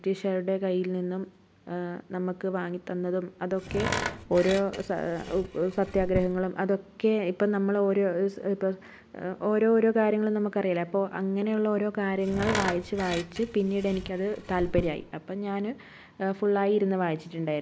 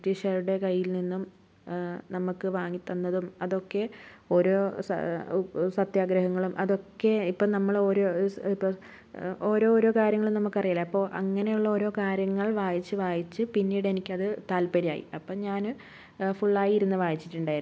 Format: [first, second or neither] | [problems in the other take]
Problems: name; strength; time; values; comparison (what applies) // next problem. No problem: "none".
second | background sound (Tools); 8 dB below the speech